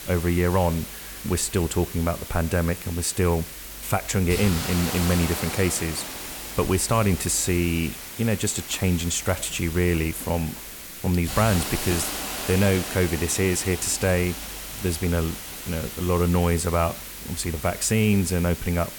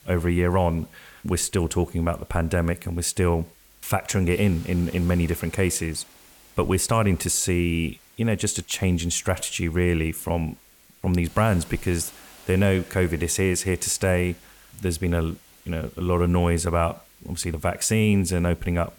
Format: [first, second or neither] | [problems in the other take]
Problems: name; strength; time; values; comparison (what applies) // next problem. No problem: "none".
second | hiss; loud; throughout; 8 dB below the speech; faint in the second